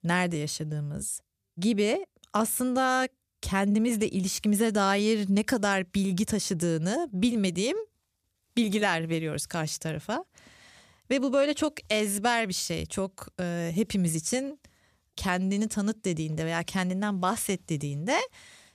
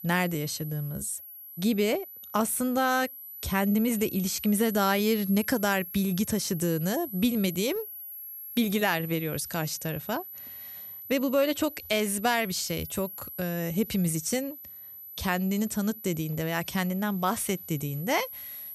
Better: first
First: none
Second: high-pitched whine; noticeable; throughout; 12 kHz, 10 dB below the speech

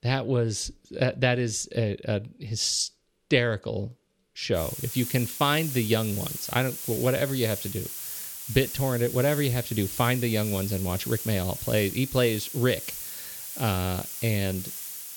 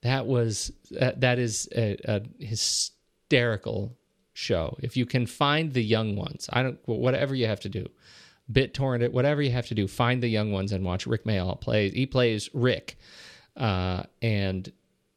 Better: second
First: hiss; loud; from 4.5 s on; 7 dB below the speech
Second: none

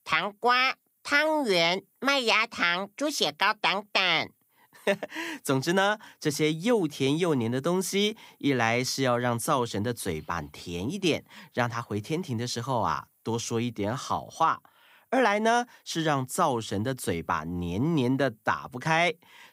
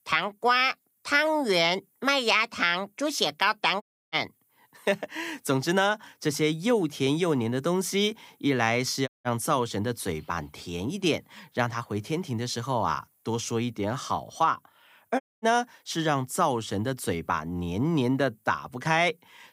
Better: first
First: none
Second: audio cutting out; at 4 s, at 9 s and at 15 s

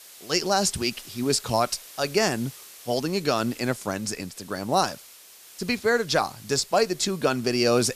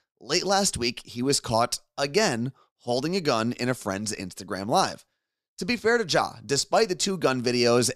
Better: second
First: hiss; noticeable; throughout; 20 dB below the speech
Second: none

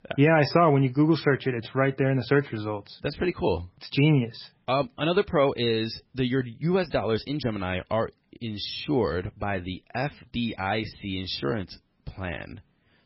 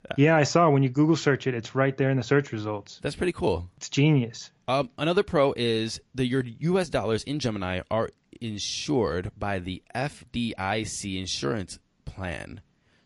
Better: second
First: garbled, watery; badly; nothing above 5.5 kHz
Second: garbled, watery; slightly; nothing above 11 kHz

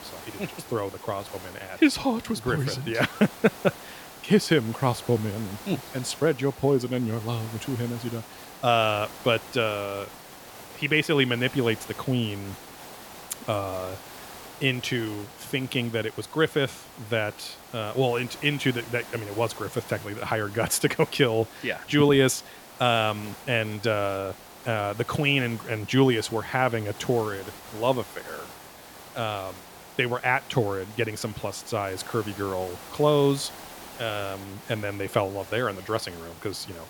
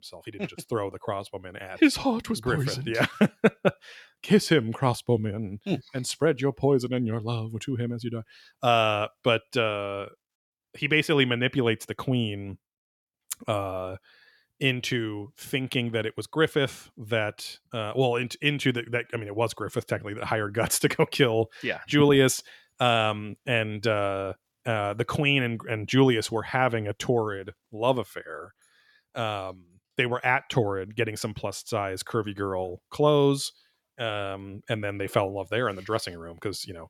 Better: second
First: hiss; noticeable; throughout; 15 dB below the speech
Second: none

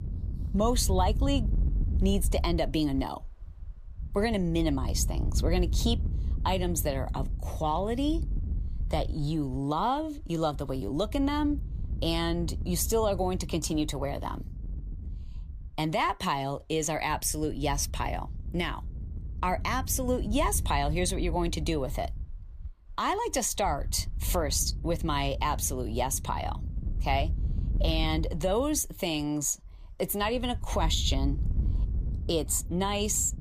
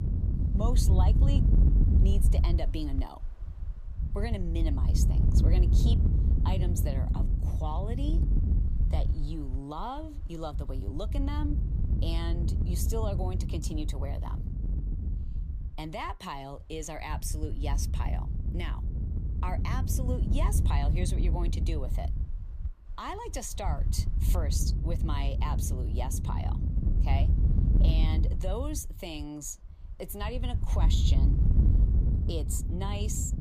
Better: first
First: wind noise on the microphone; occasional gusts; 20 dB below the speech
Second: wind noise on the microphone; heavy; 5 dB below the speech

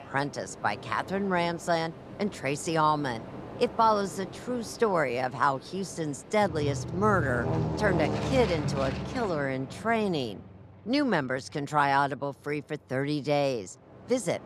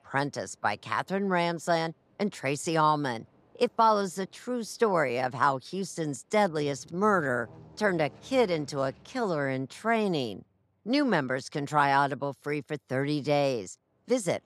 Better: second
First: train or aircraft noise; loud; throughout; 8 dB below the speech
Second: train or aircraft noise; faint; throughout; 30 dB below the speech

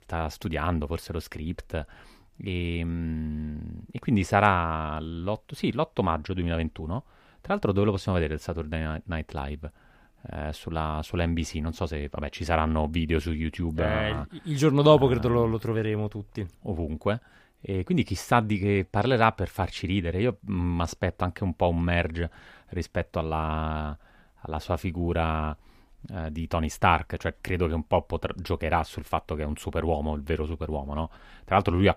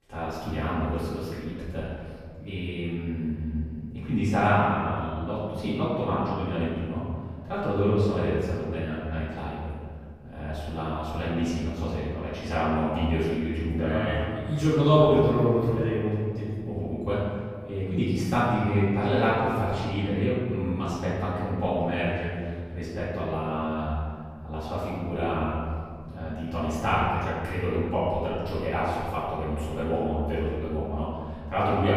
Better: first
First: none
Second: room echo; strong; dies away in 1.8 s // off-mic speech; far

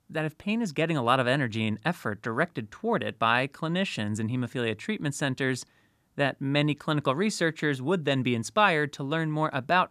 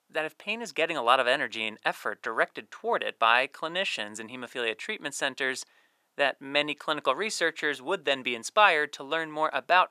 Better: first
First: none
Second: thin; very; fading below 600 Hz

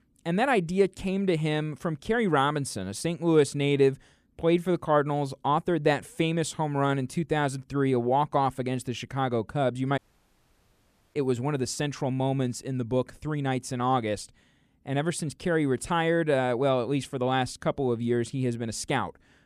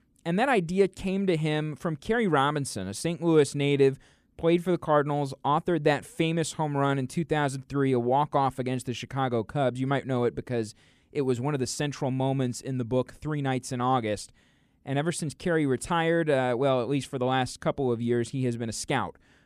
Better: second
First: audio cutting out; at 10 s for 1 s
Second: none

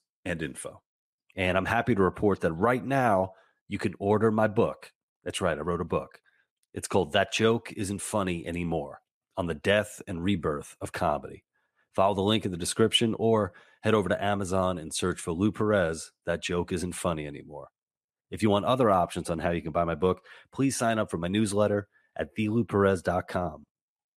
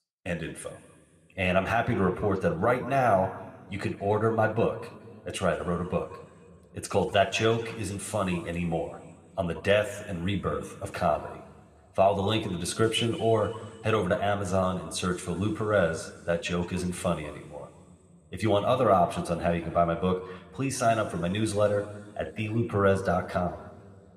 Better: first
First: none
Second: room echo; slight; dies away in 2.9 s

